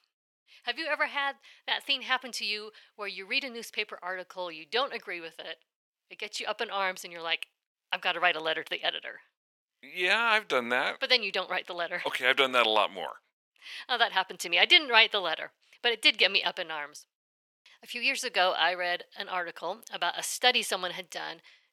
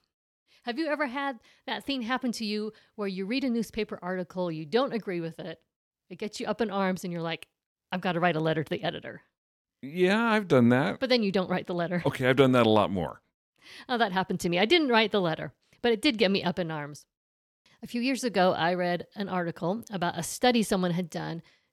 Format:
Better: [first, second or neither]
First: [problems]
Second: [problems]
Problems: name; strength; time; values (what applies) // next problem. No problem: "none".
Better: second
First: thin; very; fading below 700 Hz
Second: none